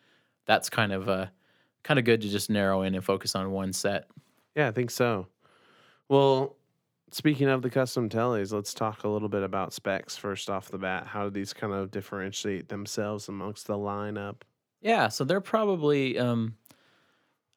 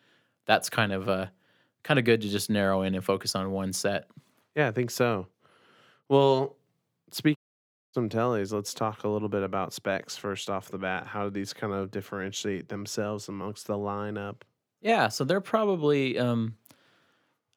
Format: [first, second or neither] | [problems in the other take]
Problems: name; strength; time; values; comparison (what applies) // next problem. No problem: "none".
first | audio cutting out; at 7.5 s for 0.5 s